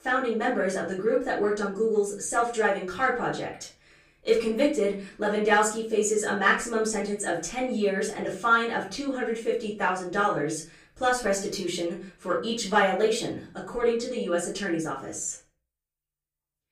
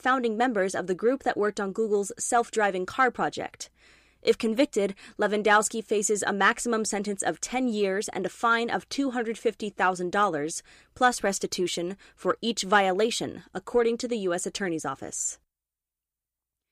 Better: second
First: room echo; slight; dies away in 0.3 s // off-mic speech; far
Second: none

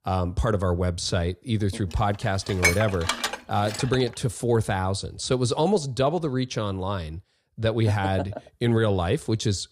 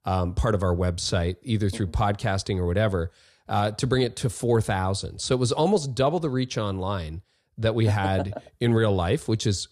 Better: second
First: clattering dishes; loud; from 2.5 to 4 s; peak 3 dB above the speech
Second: none

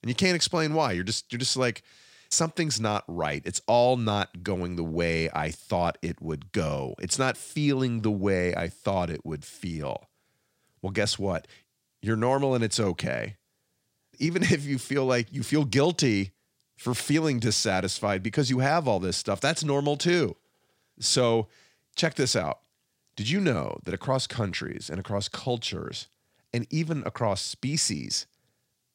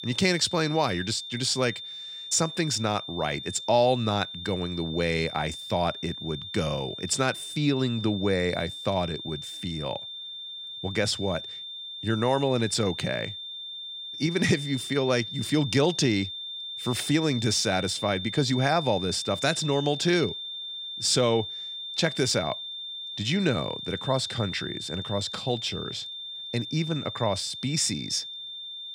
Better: first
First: none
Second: high-pitched whine; loud; throughout; 3.5 kHz, 8 dB below the speech

